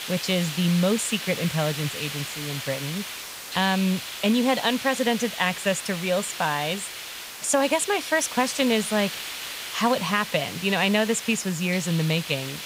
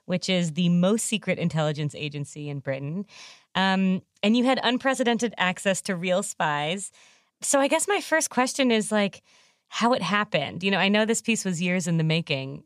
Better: second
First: hiss; loud; throughout; 8 dB below the speech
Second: none

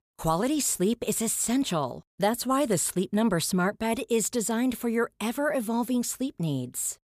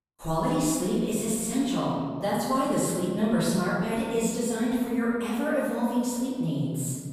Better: first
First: none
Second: off-mic speech; far // room echo; strong; dies away in 2 s

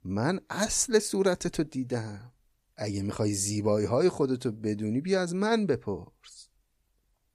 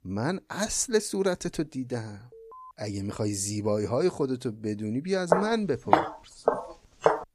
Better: first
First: none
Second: alarm; faint; at 2.5 s; peak 20 dB below the speech // footsteps; loud; from 5.5 s on; peak 4 dB above the speech

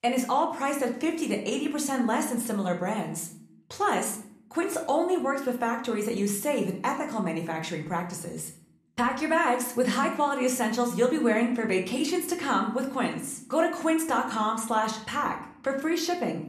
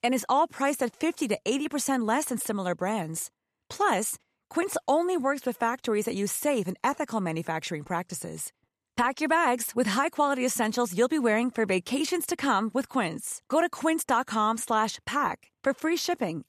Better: second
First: room echo; slight; dies away in 0.5 s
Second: none

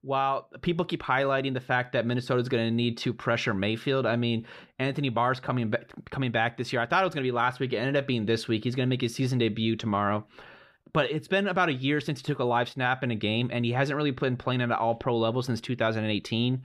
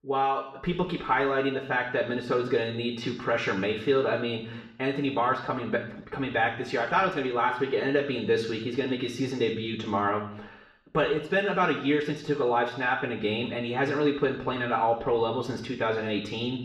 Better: first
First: none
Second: room echo; noticeable; dies away in 0.7 s // off-mic speech; far

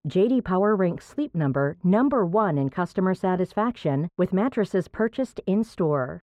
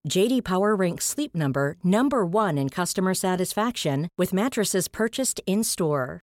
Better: second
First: muffled; very; fading above 3.5 kHz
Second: none

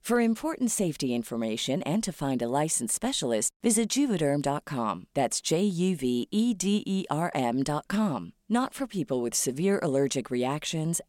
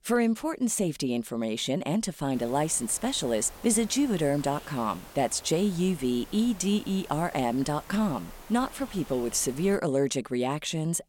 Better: first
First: none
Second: hiss; noticeable; from 2.5 to 10 s; 20 dB below the speech

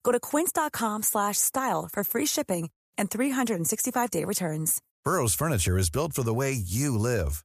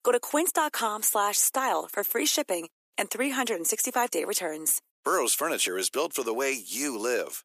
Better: first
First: none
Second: thin; somewhat; fading below 300 Hz

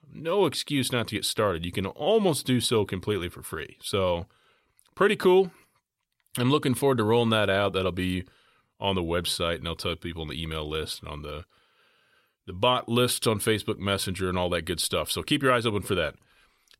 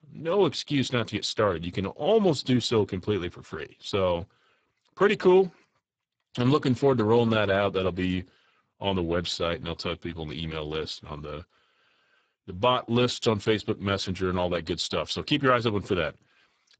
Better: first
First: none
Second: garbled, watery; badly; nothing above 7.5 kHz

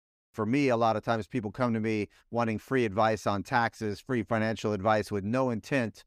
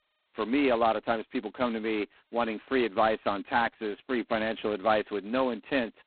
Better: first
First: none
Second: phone-call audio; poor line; nothing above 4 kHz

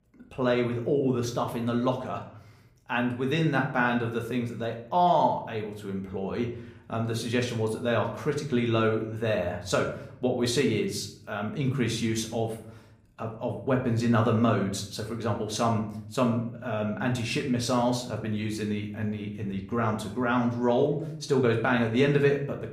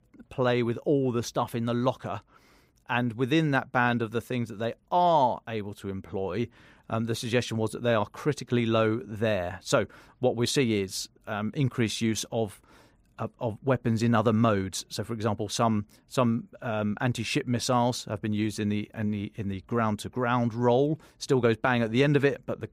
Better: second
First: room echo; slight; dies away in 0.5 s // off-mic speech; somewhat distant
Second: none

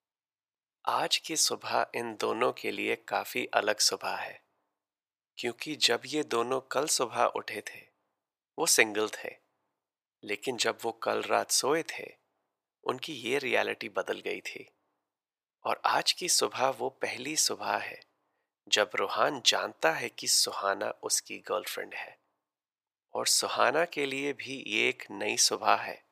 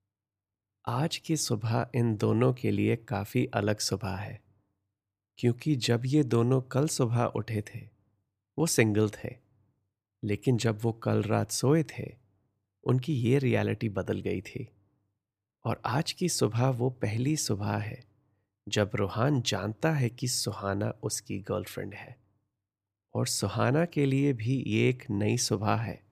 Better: second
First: thin; very; fading below 700 Hz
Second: none

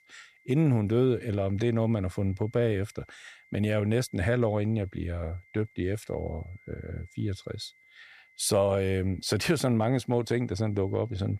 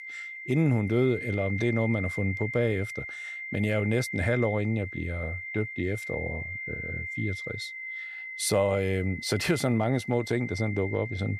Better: first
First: high-pitched whine; faint; throughout; 2 kHz, 30 dB below the speech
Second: high-pitched whine; loud; throughout; 2 kHz, 7 dB below the speech

